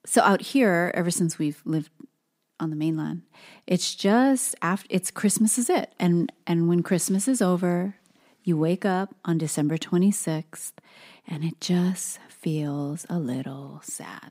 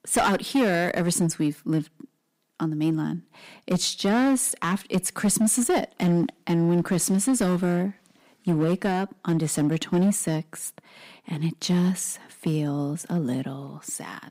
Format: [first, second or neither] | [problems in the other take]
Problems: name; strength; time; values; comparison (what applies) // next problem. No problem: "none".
first | distortion; slight; 7% of the sound clipped